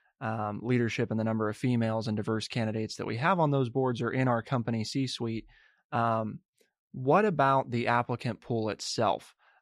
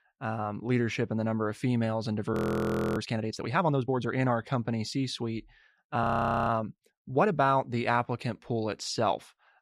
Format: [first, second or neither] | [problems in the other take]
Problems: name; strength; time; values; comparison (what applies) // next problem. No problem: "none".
first | audio freezing; at 2.5 s for 0.5 s and at 6 s